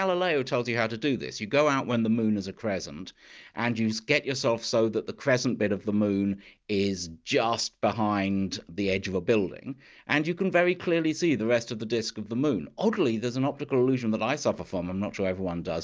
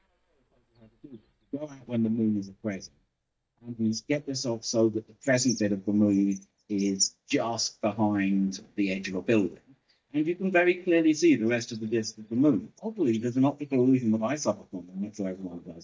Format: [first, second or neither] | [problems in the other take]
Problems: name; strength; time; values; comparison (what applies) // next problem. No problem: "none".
first | noise reduction (neural mask model DeepFilterNet 3)